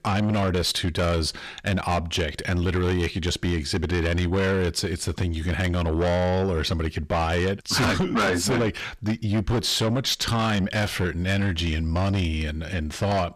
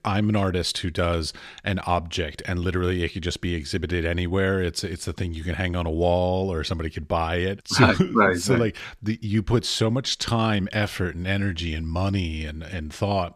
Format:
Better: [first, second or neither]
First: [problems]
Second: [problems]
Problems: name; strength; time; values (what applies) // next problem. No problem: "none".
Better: second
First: distortion; heavy; 7 dB below the speech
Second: none